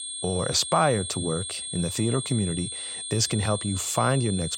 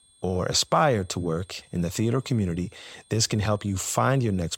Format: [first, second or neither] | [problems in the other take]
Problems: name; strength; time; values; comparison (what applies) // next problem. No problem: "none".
second | high-pitched whine; loud; throughout; 8.5 kHz, 6 dB below the speech; faint in the second